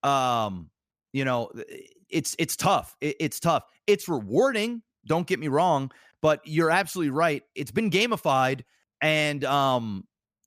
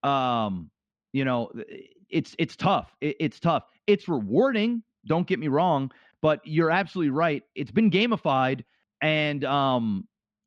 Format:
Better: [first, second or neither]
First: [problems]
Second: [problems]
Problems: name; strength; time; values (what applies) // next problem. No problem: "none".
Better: first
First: none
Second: muffled; slightly; fading above 3.5 kHz